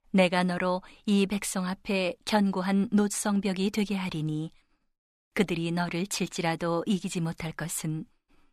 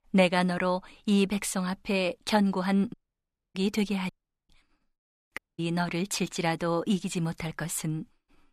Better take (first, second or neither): first